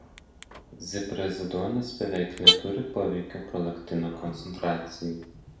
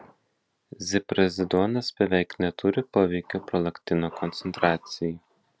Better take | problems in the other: second | background sound (Alarm / Car); 1 dB above the speech // room echo; dies away in 0.6 s

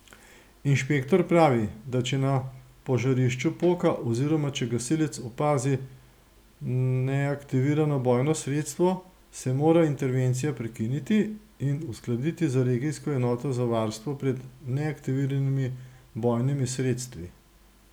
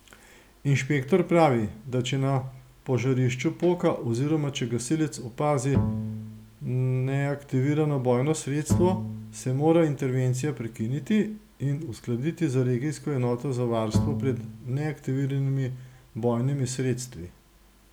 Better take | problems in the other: first | background sound (Bowed string instrument); 4 dB below the speech

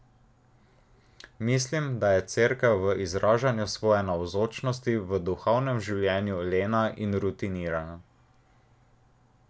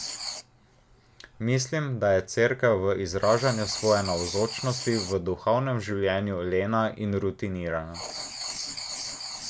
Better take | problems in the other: first | background sound (Writing); 12 dB below the speech

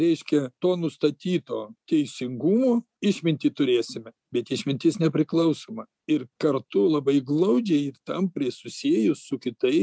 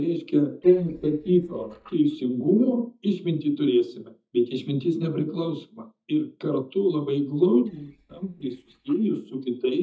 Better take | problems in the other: first | noise reduction (neural mask model DeepFilterNet 3)

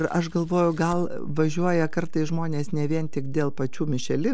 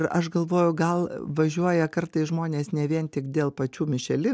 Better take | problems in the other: second | background sound (Mechanisms / Bicycle); 4 dB below the speech

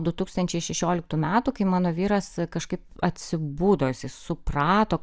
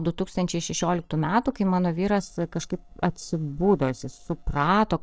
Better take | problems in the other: first | noise reduction (neural separator model SepFormer DNS4)

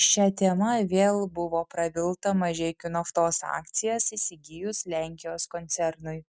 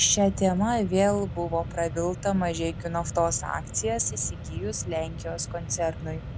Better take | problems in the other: first | background sound (Mechanisms); 9 dB below the speech

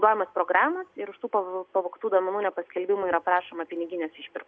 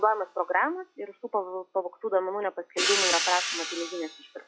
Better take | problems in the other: first | noise reduction (classical method log-MMSE)

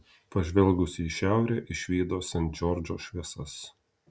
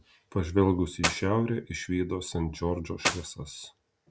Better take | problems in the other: first | background sound (Clapping); 1 dB below the speech

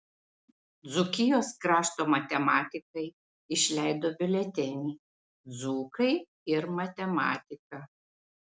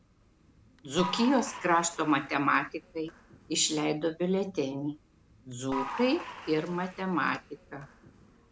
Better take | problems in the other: first | background sound (Applause / Crowd); 13 dB below the speech

